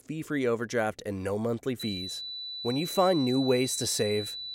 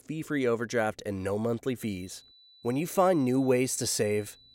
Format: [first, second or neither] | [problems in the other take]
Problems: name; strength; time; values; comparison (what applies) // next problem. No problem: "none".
second | high-pitched whine; loud; from 2 s on; 4 kHz, 6 dB below the speech; faint in the second